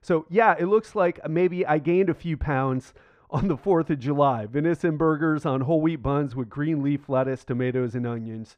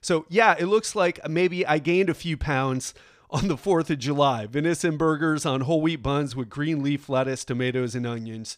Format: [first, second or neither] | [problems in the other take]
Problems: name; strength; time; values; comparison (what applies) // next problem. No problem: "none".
second | muffled; very; fading above 3 kHz